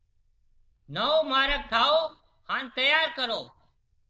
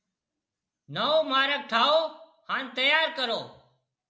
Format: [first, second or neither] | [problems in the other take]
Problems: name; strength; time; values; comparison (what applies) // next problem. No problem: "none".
second | noise reduction (neural diffusion model UNIVERSE++)